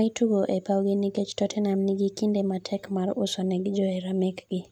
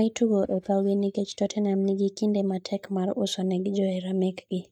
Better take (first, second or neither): first